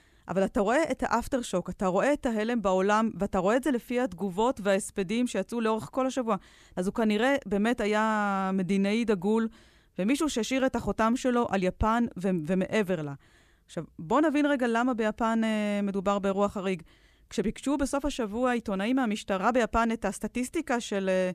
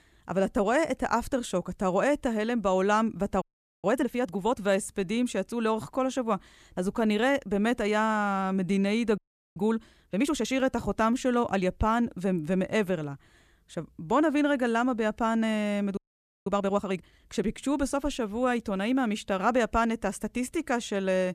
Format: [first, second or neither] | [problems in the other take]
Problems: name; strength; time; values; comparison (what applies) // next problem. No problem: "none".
first | audio freezing; at 3.5 s, at 9 s and at 16 s